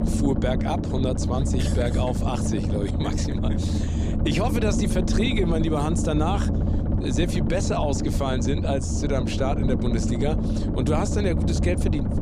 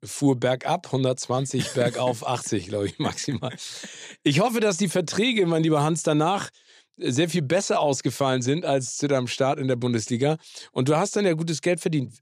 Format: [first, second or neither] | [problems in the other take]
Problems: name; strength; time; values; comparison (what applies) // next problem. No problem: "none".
second | low rumble; loud; throughout; 4 dB below the speech